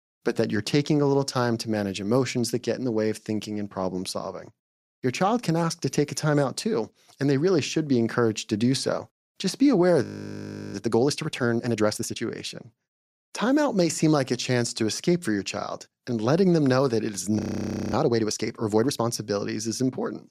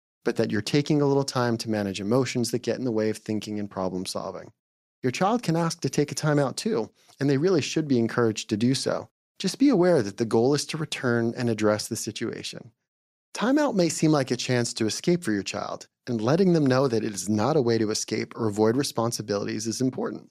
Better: second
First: audio freezing; at 10 s for 0.5 s and at 17 s for 0.5 s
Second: none

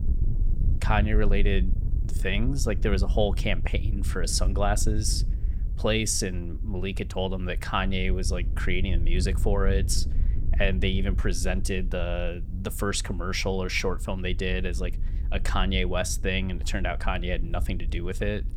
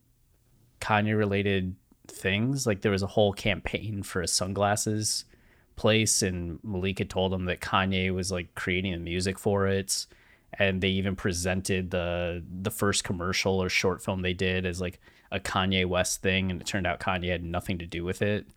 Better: second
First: wind noise on the microphone; occasional gusts; 20 dB below the speech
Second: none

